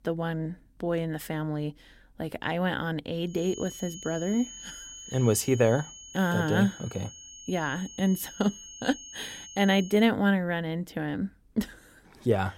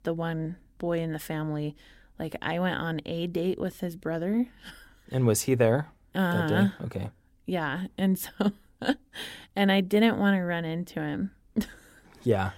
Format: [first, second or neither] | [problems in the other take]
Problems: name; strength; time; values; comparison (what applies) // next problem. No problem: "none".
second | high-pitched whine; noticeable; from 3.5 to 10 s; 6.5 kHz, 15 dB below the speech